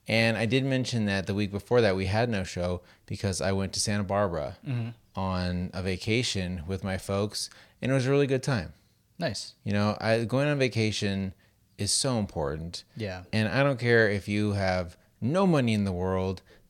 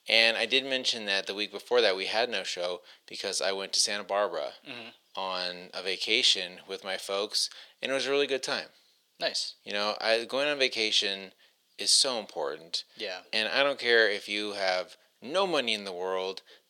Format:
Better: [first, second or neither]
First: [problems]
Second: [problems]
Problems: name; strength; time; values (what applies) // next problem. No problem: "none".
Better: first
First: none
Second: thin; very; fading below 400 Hz